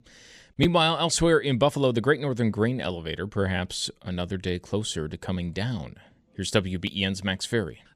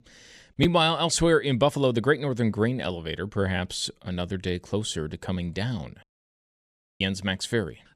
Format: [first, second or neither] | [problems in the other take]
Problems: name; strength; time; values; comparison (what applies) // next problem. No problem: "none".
first | audio cutting out; at 6 s for 1 s